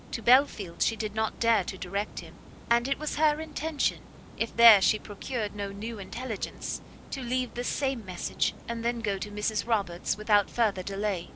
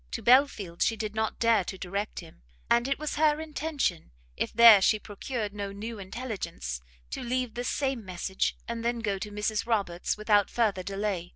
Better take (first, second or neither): second